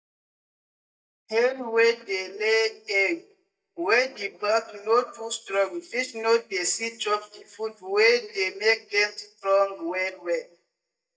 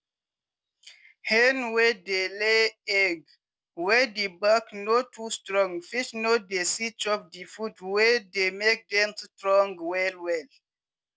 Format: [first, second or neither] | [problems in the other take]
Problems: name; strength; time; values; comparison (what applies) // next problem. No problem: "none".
second | noise reduction (neural mask model DeepFilterNet 3)